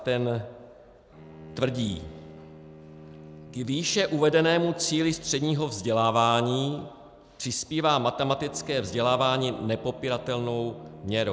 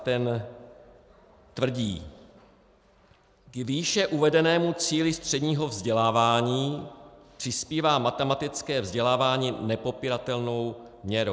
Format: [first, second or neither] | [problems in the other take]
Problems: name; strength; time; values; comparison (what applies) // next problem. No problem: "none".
second | background sound (Bowed string instrument); 19 dB below the speech